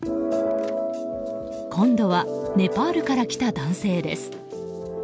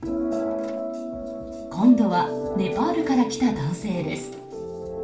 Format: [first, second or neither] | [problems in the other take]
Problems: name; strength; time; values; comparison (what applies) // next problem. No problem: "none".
first | room echo; dies away in 0.4 s